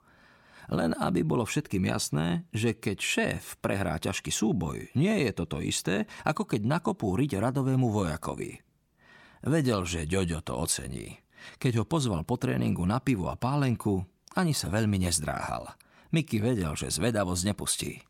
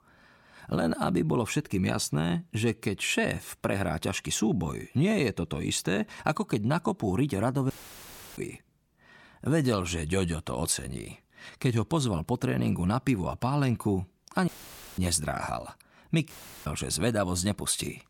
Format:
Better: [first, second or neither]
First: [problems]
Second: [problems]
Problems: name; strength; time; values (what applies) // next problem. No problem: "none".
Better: first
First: none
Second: audio cutting out; filled with static; at 7.5 s for 0.5 s, at 14 s for 0.5 s and at 16 s